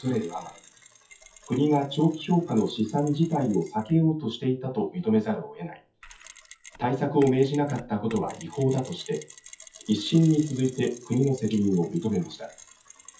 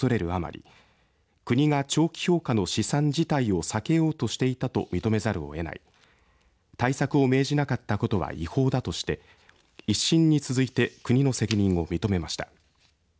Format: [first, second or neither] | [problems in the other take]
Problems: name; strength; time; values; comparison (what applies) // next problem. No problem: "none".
second | noise reduction (classical method WPE with log-MMSE)